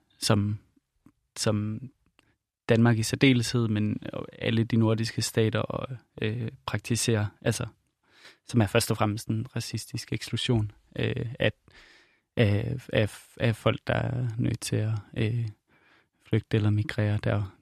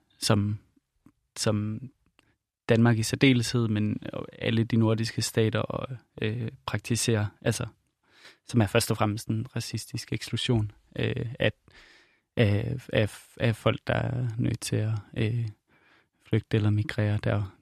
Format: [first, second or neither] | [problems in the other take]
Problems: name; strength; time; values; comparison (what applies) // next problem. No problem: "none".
neither | none